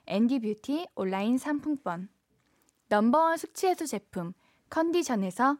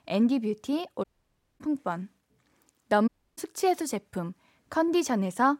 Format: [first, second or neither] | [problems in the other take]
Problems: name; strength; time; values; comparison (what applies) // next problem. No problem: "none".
first | audio cutting out; at 1 s for 0.5 s and at 3 s